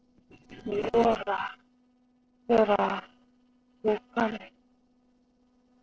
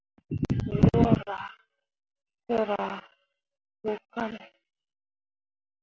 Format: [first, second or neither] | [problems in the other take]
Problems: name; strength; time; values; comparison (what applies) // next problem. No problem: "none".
second | noise reduction (neural separator model SepFormer DNS4)